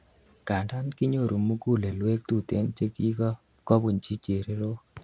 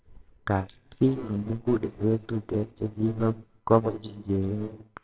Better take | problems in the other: first | noise reduction (neural separator model SepFormer WHAMR!)

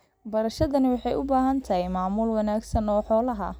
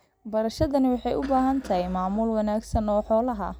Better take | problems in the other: first | background sound (Cough); 20 dB below the speech

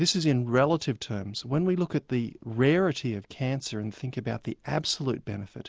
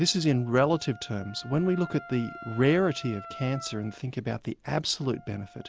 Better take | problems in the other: first | background sound (Wind instrument, woodwind instrument); 18 dB below the speech

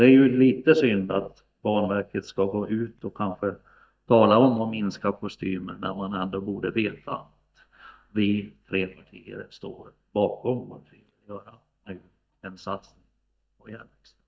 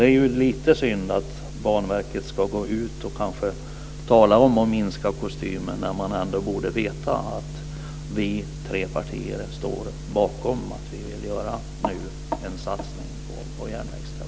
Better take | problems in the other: second | noise reduction (neural mask model DeepFilterNet 3)

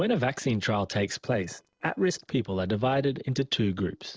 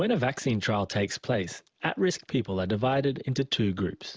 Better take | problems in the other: second | noise reduction (neural separator model SepFormer DNS4)

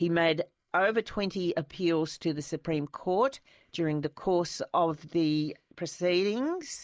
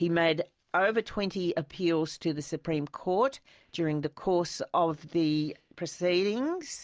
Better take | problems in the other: second | noise reduction (neural mask model Resemble Enhance denoiser)

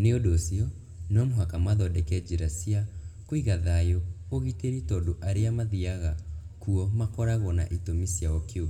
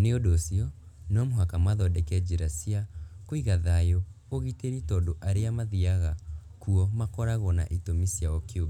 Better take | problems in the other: second | room echo; dies away in 0.8 s

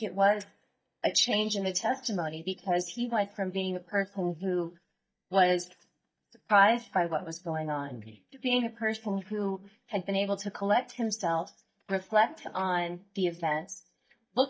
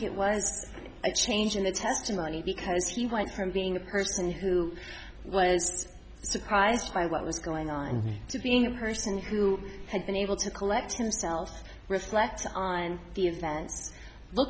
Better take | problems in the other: second | noise reduction (neural mask model DeepFilterNet 3)

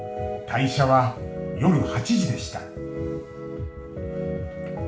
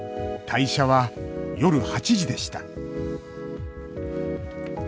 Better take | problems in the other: second | room echo; dies away in 0.4 s

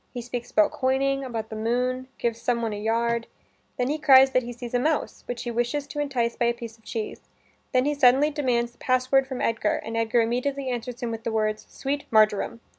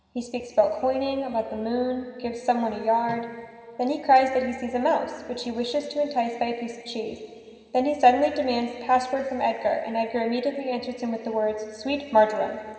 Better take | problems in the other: first | room echo; dies away in 2.6 s

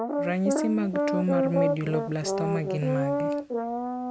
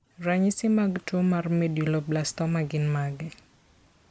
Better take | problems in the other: second | background sound (Brass instrument); 2 dB above the speech

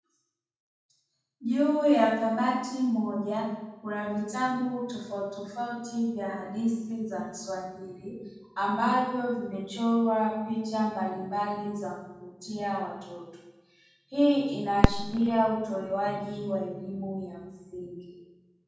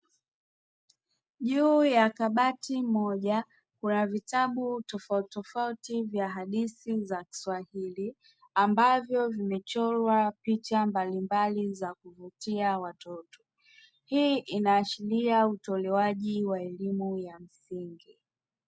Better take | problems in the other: second | background sound (Fireworks); 2 dB below the speech // room echo; dies away in 1.1 s

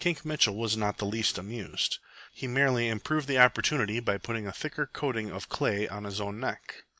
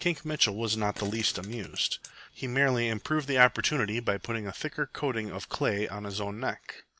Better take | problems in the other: first | background sound (Fart); 20 dB below the speech

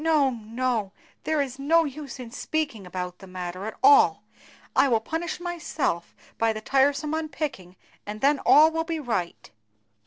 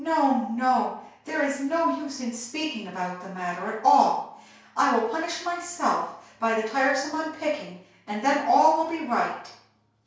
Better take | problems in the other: first | room echo; dies away in 0.5 s

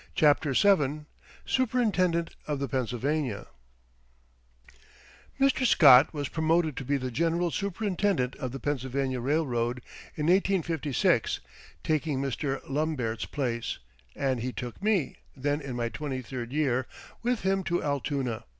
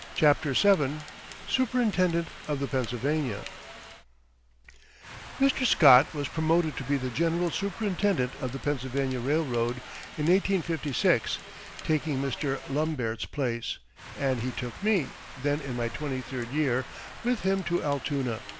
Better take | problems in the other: first | background sound (Rain); 16 dB below the speech

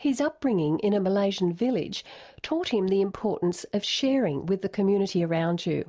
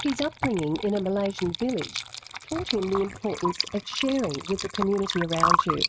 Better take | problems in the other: first | noise reduction (neural mask model RNNoise)

